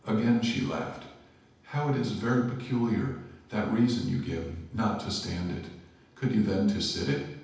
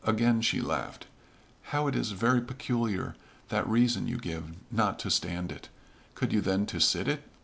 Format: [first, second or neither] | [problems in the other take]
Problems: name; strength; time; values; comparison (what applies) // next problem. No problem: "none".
second | room echo; dies away in 0.8 s